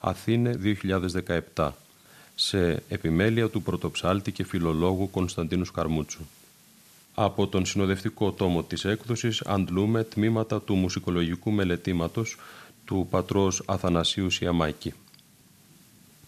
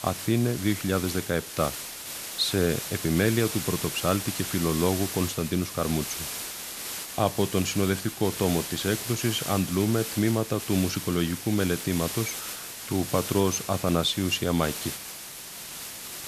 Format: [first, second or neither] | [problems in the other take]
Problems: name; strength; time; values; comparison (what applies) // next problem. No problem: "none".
first | hiss; loud; throughout; 6 dB below the speech; faint in the first